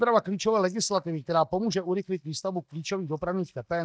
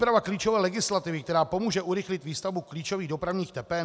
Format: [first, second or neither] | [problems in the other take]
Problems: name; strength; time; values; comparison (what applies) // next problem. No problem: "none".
second | noise reduction (neural mask model DeepFilterNet 3)